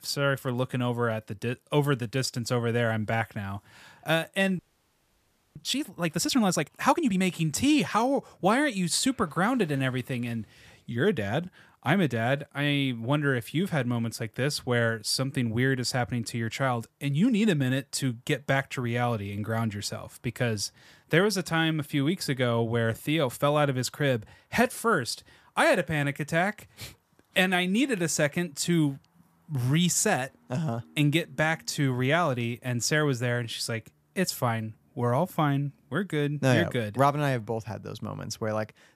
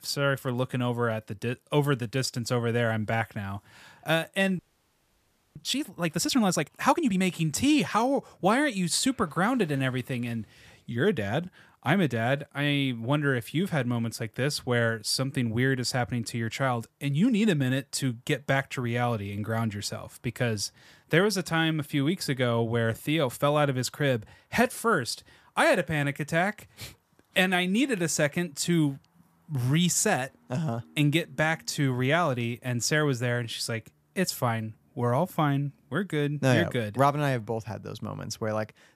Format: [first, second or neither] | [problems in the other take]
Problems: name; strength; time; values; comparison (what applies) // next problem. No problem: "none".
neither | audio freezing; at 4.5 s for 1 s; the same in both